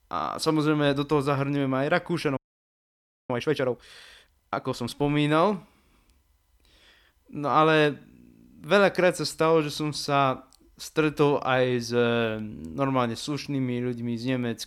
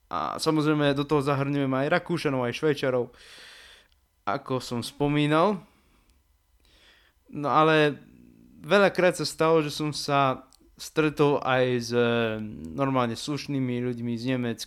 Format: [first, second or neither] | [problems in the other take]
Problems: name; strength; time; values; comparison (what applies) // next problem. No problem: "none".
second | audio freezing; at 2.5 s for 1 s